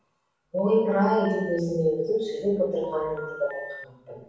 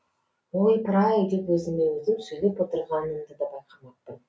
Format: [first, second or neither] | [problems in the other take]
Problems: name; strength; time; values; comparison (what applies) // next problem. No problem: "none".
second | background sound (Telephone); 15 dB below the speech // room echo; dies away in 0.7 s